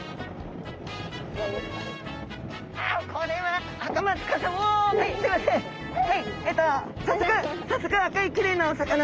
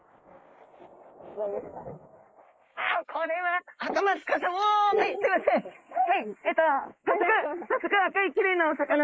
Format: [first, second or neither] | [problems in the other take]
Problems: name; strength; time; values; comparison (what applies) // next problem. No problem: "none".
first | noise reduction (neural mask model Resemble Enhance denoiser)